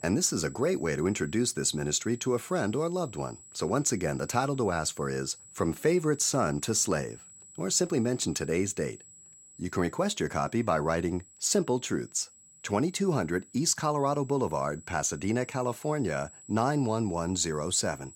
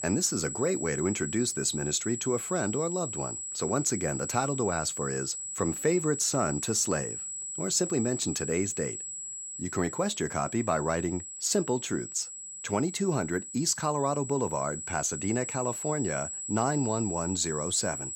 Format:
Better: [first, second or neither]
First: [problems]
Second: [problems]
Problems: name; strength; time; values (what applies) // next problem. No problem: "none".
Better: first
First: high-pitched whine; faint; throughout; 8 kHz, 20 dB below the speech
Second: high-pitched whine; loud; throughout; 8 kHz, 5 dB below the speech